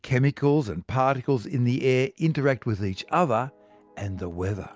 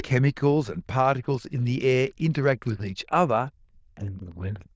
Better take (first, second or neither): first